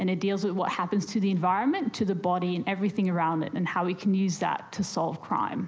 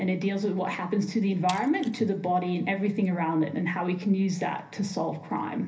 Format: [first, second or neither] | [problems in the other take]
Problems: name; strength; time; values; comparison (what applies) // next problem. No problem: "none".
first | background sound (Shatter); 20 dB below the speech // room echo; dies away in 0.3 s